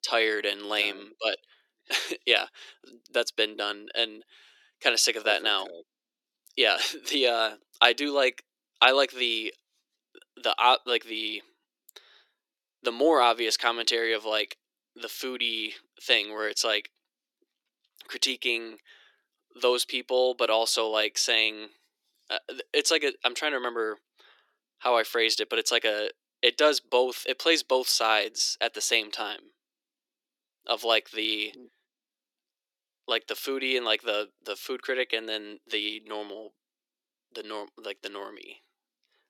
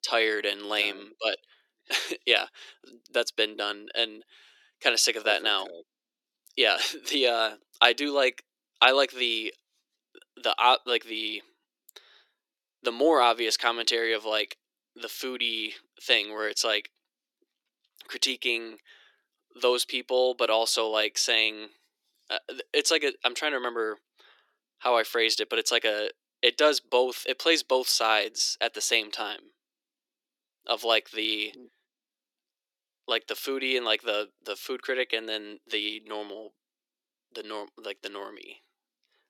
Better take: neither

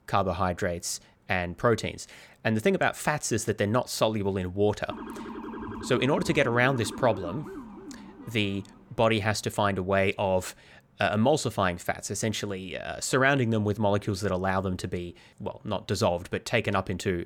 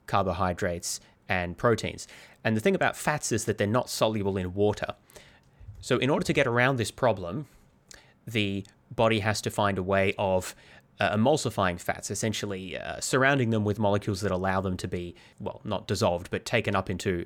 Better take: second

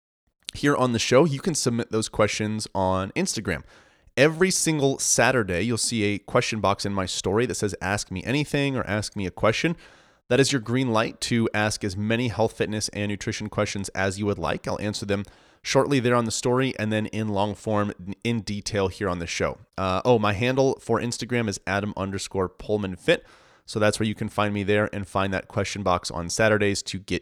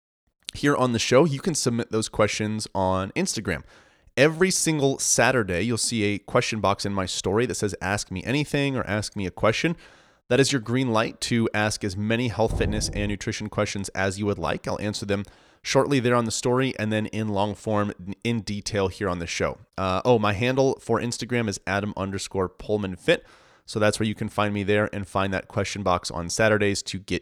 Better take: first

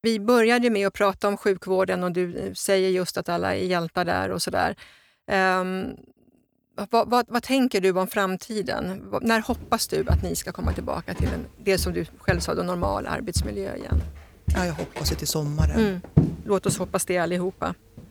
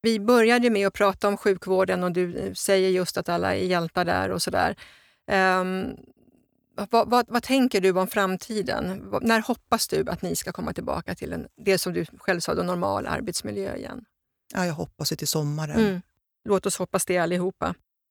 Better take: second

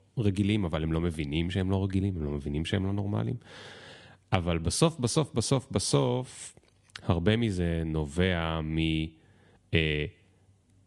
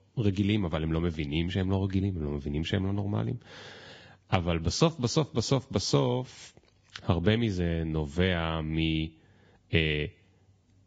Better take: first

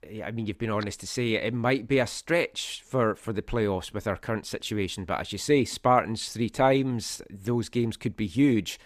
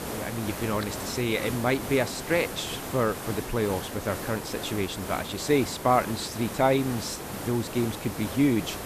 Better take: first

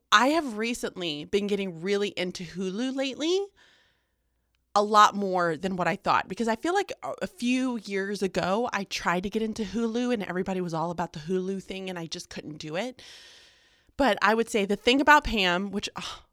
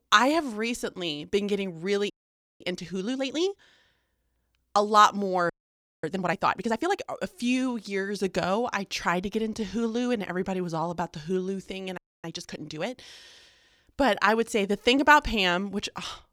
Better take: first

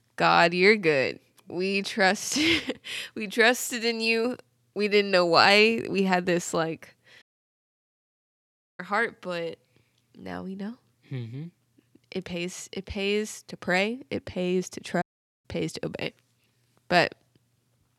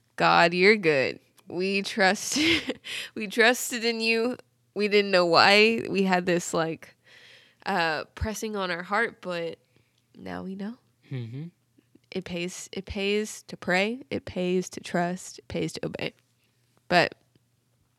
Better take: second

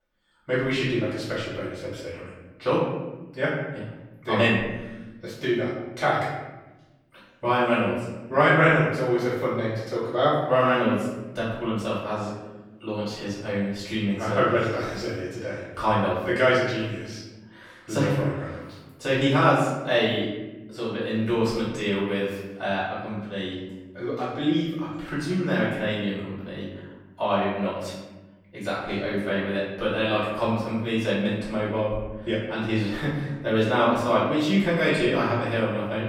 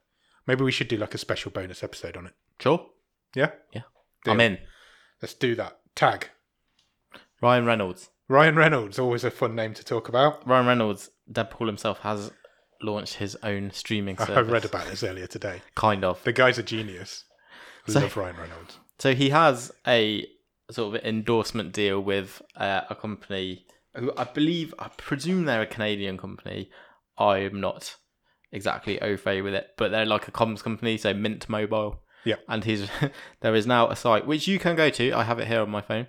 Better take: second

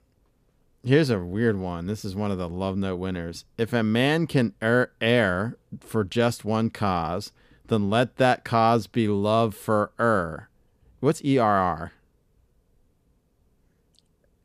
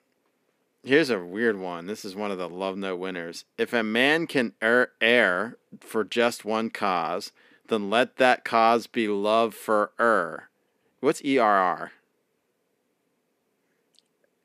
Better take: first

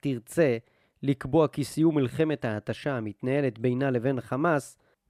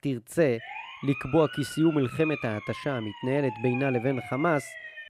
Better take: first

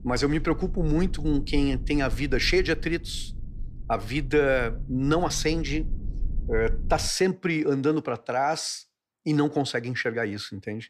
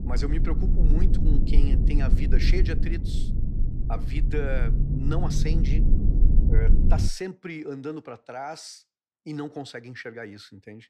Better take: first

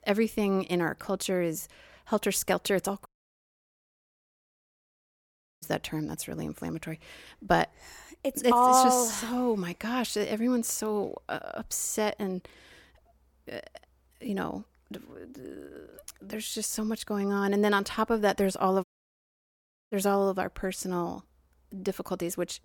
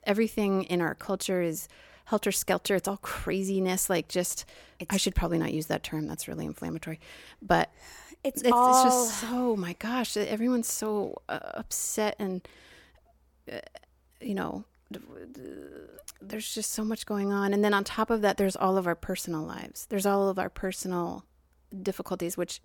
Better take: second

